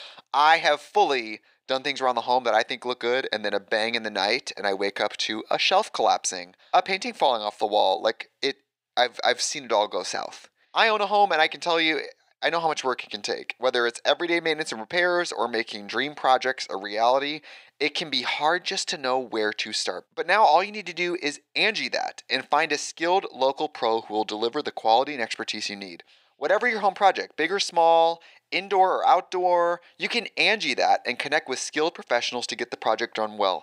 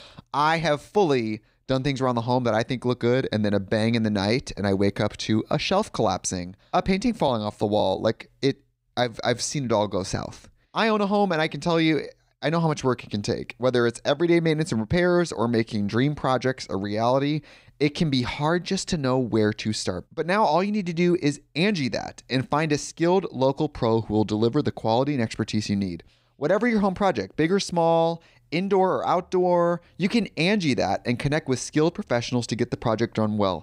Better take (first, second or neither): second